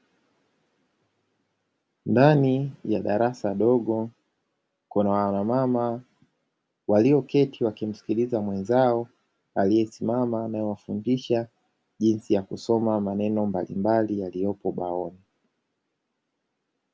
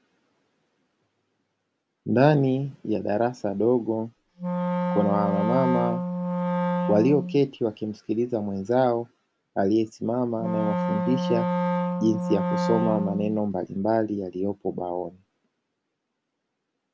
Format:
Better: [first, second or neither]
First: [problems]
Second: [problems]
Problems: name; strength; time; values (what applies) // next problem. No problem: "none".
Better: first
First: none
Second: background sound (Wind instrument, woodwind instrument); as loud as the speech